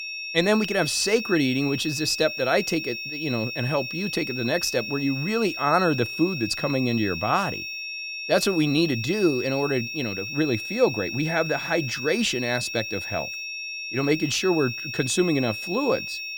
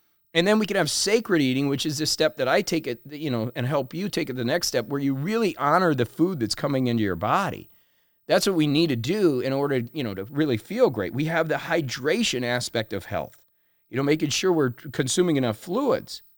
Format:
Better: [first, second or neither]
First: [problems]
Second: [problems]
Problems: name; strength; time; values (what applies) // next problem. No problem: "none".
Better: second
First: high-pitched whine; loud; throughout; 2.5 kHz, 6 dB below the speech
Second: none